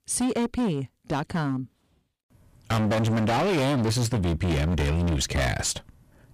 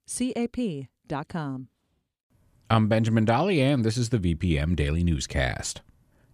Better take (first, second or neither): second